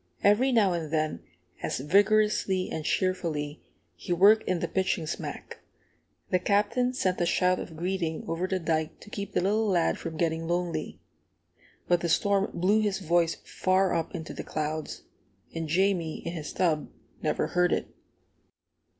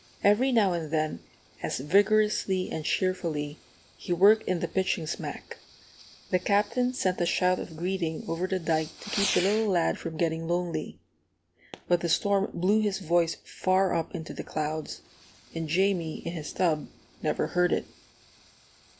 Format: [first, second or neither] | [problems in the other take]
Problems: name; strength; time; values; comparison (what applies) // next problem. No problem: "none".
first | background sound (Fireworks); 17 dB below the speech